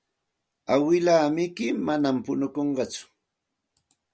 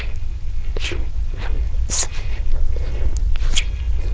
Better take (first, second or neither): first